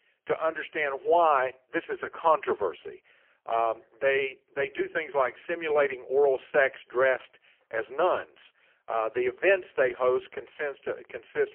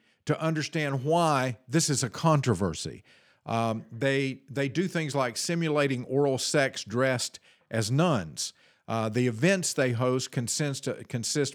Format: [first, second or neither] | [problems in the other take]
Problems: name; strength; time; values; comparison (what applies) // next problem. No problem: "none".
second | phone-call audio; poor line; nothing above 3 kHz